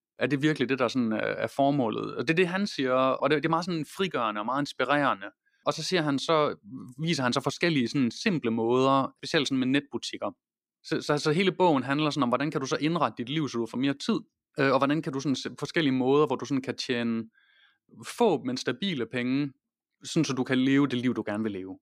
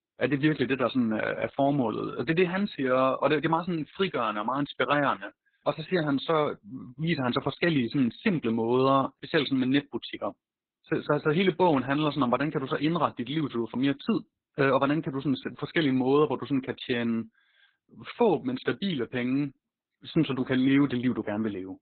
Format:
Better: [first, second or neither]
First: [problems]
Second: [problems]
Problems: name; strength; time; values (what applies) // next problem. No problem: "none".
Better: first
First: none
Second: garbled, watery; badly; nothing above 4 kHz